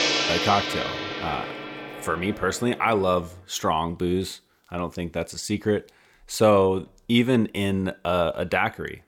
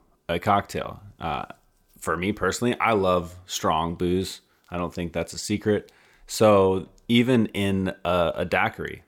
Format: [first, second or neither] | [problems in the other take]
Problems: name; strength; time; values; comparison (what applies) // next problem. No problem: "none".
second | background music; loud; until 3.5 s; 3 dB below the speech